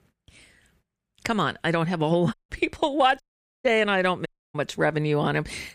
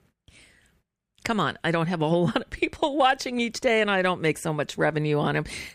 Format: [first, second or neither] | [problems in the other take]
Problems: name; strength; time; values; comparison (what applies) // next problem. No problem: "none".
second | audio cutting out; at 2.5 s, at 3 s and at 4.5 s